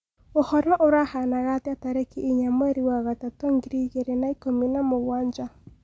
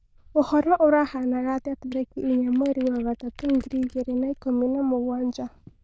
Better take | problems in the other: first | noise reduction (neural diffusion model UNIVERSE++)

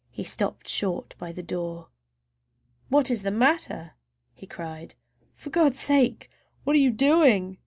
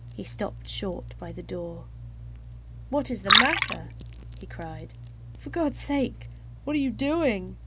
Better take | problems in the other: first | background sound (Liquid); as loud as the speech

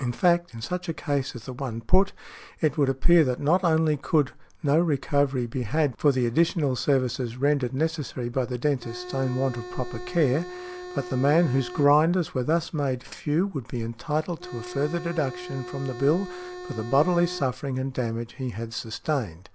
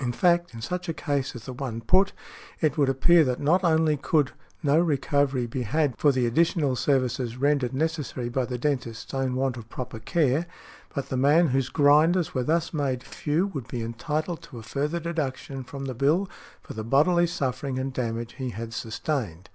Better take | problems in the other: second | background sound (Organ); 13 dB below the speech

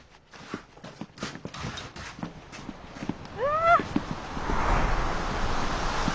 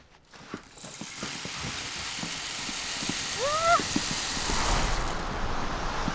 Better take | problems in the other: first | background sound (Rattle (instrument)); 4 dB below the speech

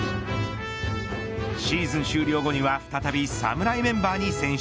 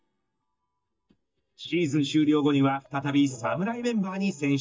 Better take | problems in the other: first | noise reduction (neural mask model DeepFilterNet 3)

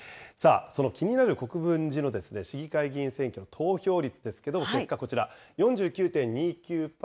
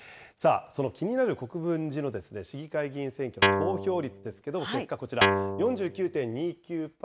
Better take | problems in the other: first | background sound (Guitar); 3 dB above the speech

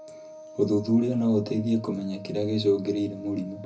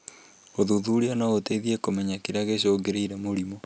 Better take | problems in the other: second | background sound (Wind instrument, woodwind instrument); 17 dB below the speech // room echo; dies away in 0.4 s

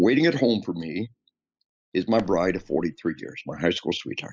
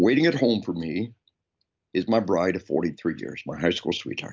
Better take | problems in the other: second | noise reduction (classical method spectral subtraction)

